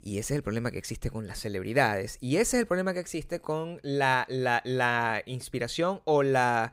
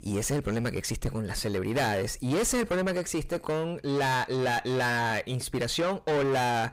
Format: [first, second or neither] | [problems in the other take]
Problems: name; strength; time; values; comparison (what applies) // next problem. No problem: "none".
first | distortion; heavy; 6 dB below the speech